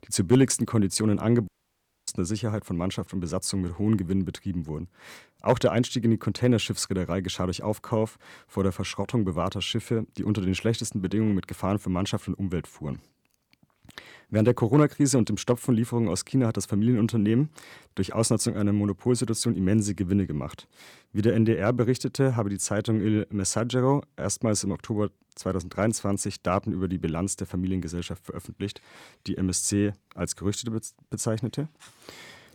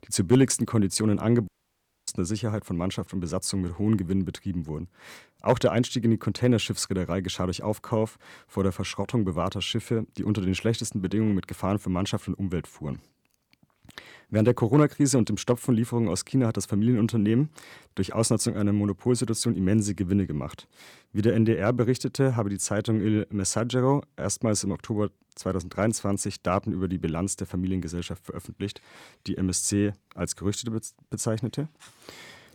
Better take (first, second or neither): neither